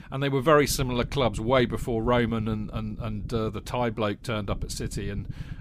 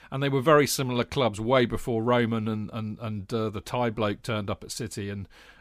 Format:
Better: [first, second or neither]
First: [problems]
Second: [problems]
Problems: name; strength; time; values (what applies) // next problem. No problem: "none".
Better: second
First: low rumble; faint; throughout; 25 dB below the speech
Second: none